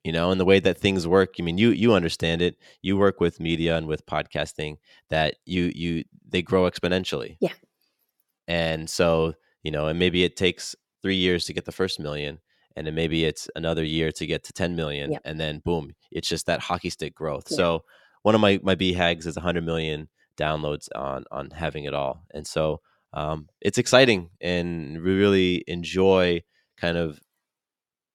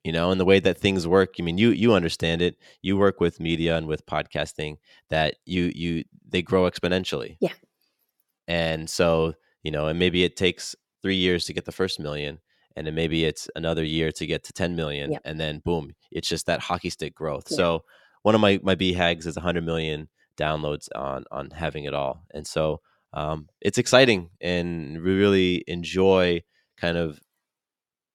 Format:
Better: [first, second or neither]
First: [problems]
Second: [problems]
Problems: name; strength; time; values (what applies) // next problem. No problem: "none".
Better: neither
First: none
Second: none